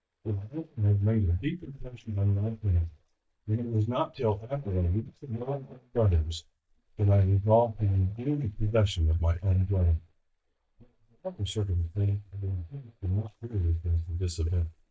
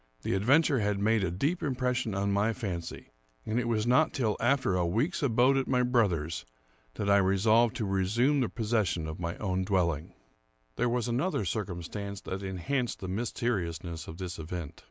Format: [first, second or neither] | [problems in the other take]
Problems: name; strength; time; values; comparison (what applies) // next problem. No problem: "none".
second | noise reduction (neural mask model DeepFilterNet 3)